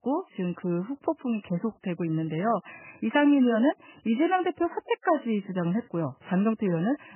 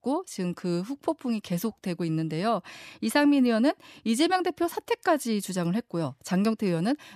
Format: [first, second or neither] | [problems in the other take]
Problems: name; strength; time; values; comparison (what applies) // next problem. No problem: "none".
second | garbled, watery; badly; nothing above 3 kHz